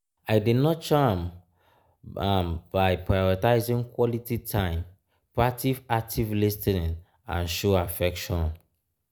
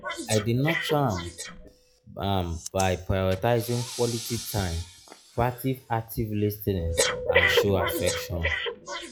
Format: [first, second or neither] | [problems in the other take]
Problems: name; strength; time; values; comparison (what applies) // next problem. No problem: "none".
first | noise reduction (classical method log-MMSE)